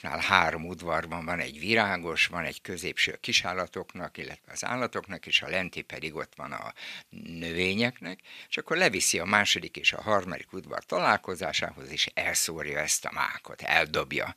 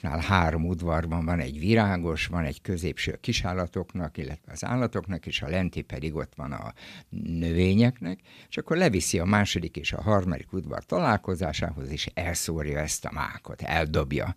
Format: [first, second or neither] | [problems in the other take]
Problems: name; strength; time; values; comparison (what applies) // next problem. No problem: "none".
second | thin; somewhat; fading below 850 Hz